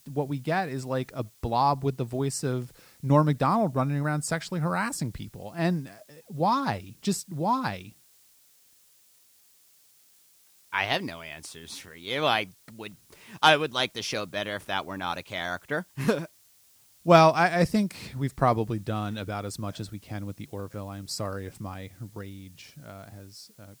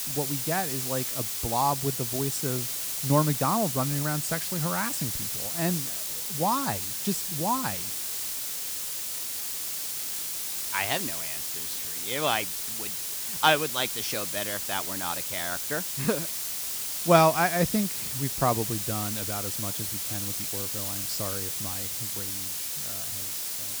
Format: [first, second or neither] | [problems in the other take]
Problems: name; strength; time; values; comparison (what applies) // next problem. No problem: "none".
first | hiss; loud; throughout; as loud as the speech; faint in the first